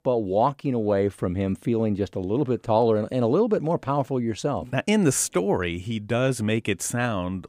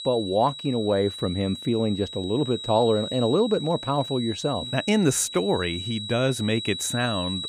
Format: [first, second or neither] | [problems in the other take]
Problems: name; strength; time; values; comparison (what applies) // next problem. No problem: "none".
first | high-pitched whine; loud; throughout; 4 kHz, 9 dB below the speech